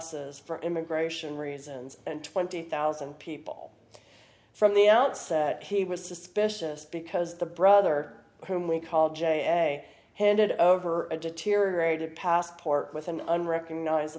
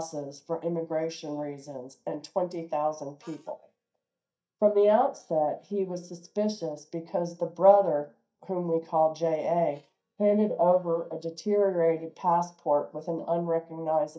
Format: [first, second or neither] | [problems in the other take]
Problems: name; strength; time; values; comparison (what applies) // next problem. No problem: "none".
first | noise reduction (neural mask model DeepFilterNet 3)